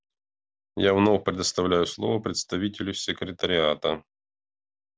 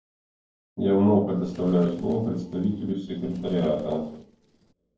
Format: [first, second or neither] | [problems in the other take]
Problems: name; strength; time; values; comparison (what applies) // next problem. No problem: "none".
first | noise reduction (neural separator model SepFormer DNS4)